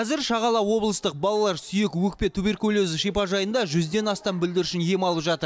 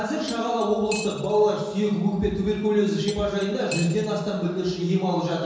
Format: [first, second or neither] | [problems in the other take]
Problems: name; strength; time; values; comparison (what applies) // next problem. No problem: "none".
first | background sound (Cutlery, silverware); 16 dB below the speech // room echo; dies away in 1.2 s